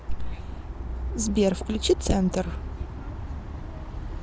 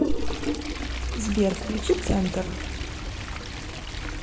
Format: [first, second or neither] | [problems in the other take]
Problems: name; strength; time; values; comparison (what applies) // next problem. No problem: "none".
first | background sound (Toilet flush); 6 dB below the speech // room echo; dies away in 2.1 s